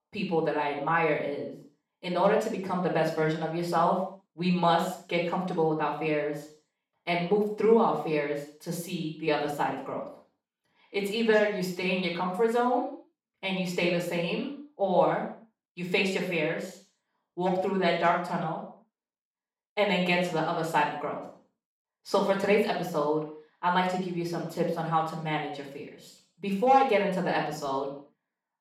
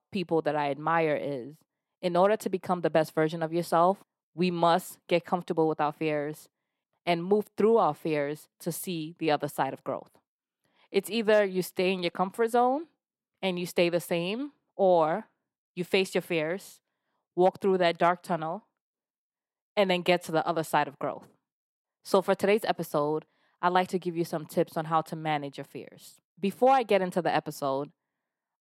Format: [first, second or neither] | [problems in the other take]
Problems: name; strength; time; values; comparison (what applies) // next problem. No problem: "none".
second | room echo; noticeable; dies away in 0.5 s // off-mic speech; far